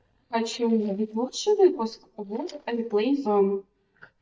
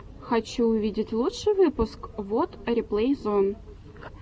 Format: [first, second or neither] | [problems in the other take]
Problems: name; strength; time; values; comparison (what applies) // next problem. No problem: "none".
second | noise reduction (neural mask model DeepFilterNet 3)